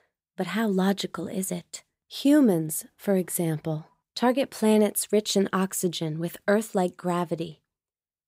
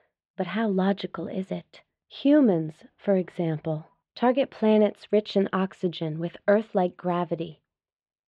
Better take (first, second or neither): first